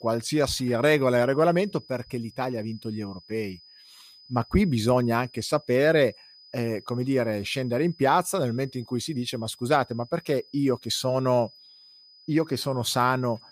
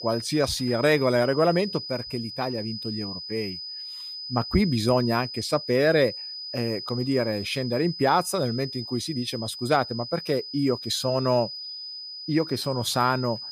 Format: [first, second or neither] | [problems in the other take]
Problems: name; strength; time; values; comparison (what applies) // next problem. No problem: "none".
first | high-pitched whine; loud; throughout; 5 kHz, 9 dB below the speech; faint in the first